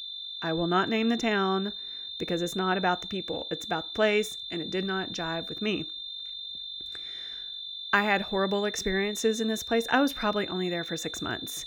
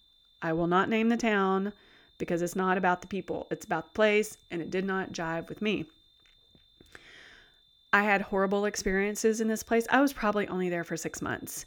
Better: second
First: high-pitched whine; loud; throughout; 3.5 kHz, 7 dB below the speech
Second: high-pitched whine; faint; throughout; 3.5 kHz, 30 dB below the speech

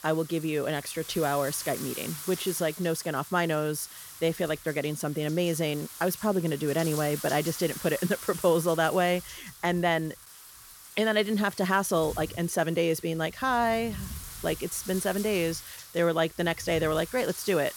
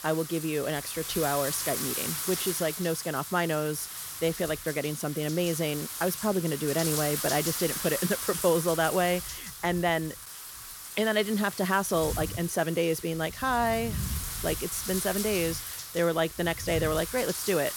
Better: first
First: wind noise on the microphone; occasional gusts; 15 dB below the speech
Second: wind noise on the microphone; heavy; 8 dB below the speech

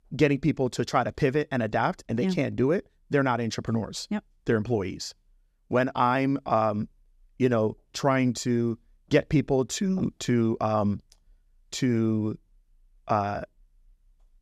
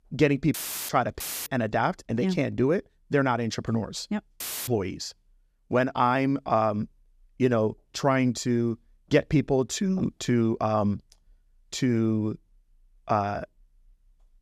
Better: first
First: none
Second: audio cutting out; filled with static; at 0.5 s, at 1 s and at 4.5 s

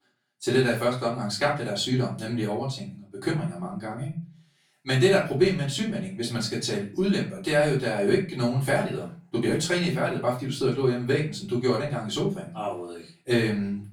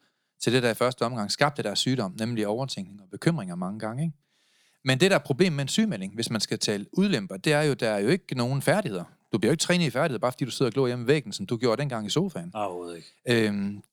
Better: second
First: off-mic speech; far // room echo; slight; dies away in 0.3 s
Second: none

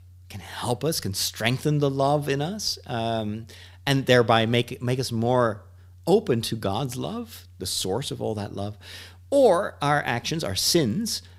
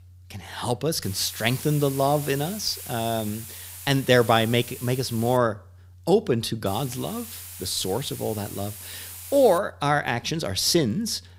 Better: first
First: none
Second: hiss; noticeable; from 1 to 5.5 s and from 6.5 to 9.5 s; 15 dB below the speech

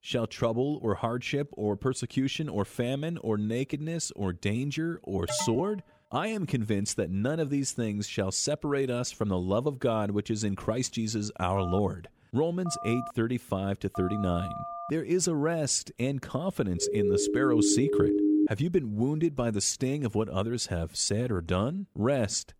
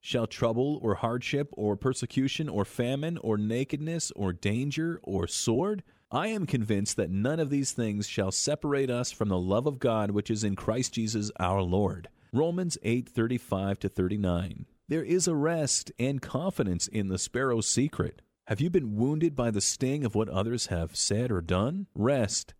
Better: second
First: alarm; noticeable; at 5.5 s; peak 6 dB below the speech // phone ringing; noticeable; from 12 to 15 s; peak 8 dB below the speech // siren; loud; from 17 to 18 s; peak 5 dB above the speech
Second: none

